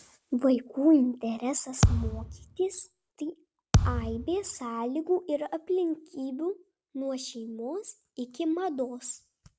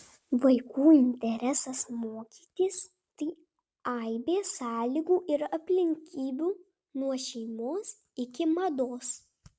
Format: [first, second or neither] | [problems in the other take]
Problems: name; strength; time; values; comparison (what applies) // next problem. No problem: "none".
second | background sound (Thump, thud); 2 dB above the speech